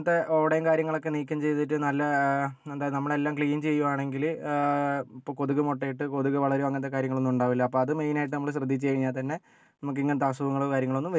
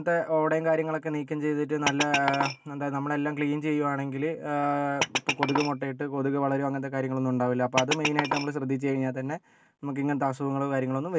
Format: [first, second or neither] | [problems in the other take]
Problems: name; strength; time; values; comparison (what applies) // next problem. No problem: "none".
first | background sound (Glass); 7 dB below the speech